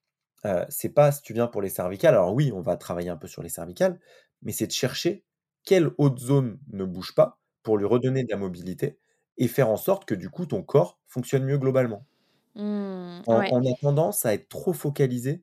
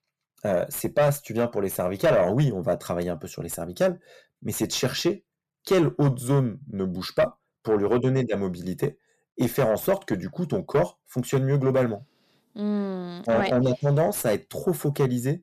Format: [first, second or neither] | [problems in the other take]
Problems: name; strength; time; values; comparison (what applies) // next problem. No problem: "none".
first | distortion; slight; 10 dB below the speech